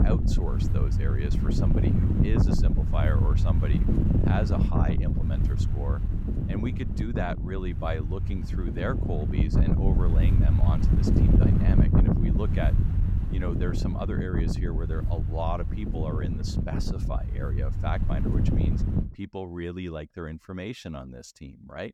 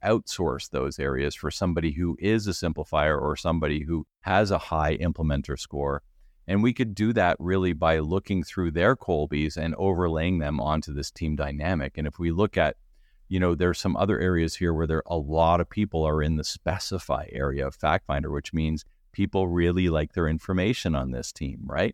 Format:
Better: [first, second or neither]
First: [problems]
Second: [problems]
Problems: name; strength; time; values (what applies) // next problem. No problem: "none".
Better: second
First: wind noise on the microphone; heavy; until 19 s; as loud as the speech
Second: none